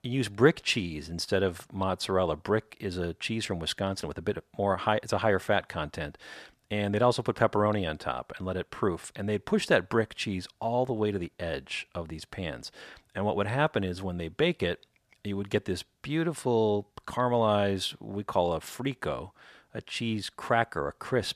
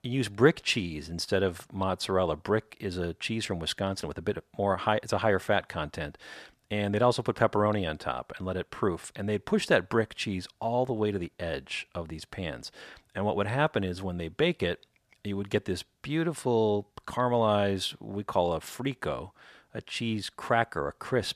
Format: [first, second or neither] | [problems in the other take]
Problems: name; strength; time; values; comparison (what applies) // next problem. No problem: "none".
neither | none